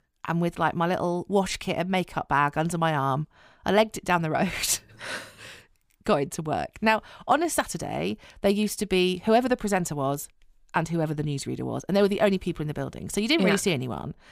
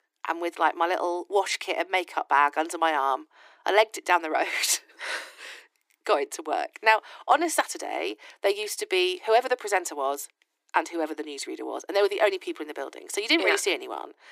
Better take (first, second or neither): first